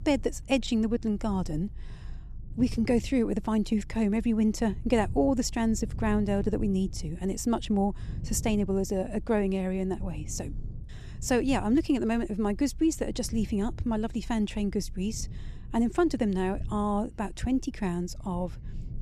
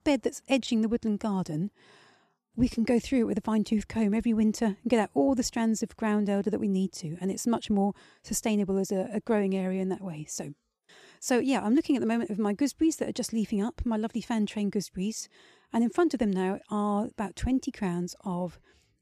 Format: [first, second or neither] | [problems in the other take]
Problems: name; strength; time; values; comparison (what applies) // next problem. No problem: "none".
second | low rumble; faint; throughout; 25 dB below the speech